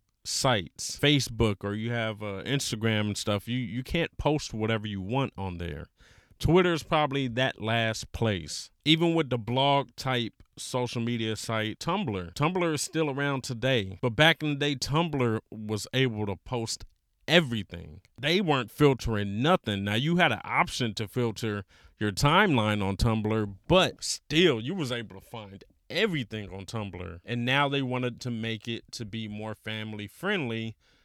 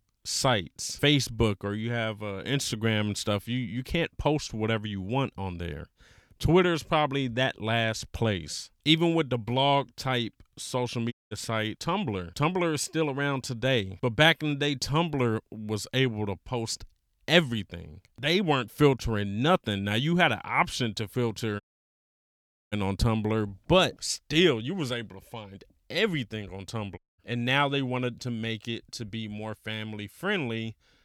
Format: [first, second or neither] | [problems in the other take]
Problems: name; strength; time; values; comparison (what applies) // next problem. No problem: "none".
first | audio cutting out; at 11 s, at 22 s for 1 s and at 27 s